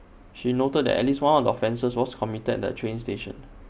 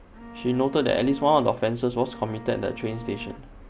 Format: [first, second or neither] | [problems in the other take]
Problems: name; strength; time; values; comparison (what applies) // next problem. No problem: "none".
first | background sound (Bowed string instrument); 17 dB below the speech